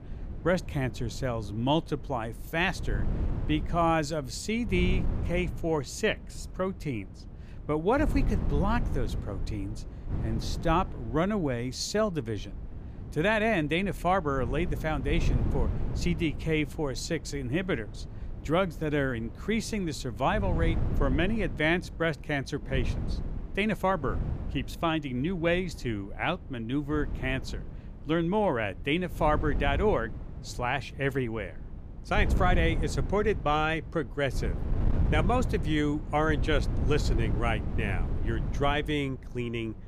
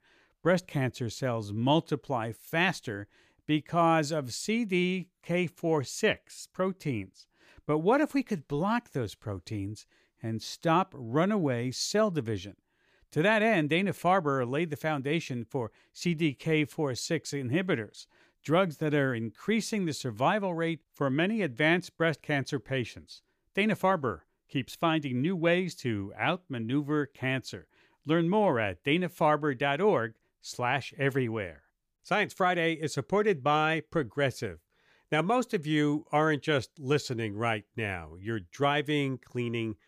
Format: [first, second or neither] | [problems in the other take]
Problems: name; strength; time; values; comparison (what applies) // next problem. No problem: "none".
second | wind noise on the microphone; occasional gusts; 15 dB below the speech